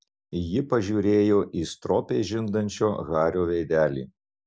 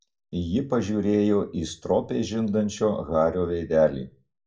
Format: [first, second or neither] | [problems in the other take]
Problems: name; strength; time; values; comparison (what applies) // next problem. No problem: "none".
first | room echo; dies away in 0.3 s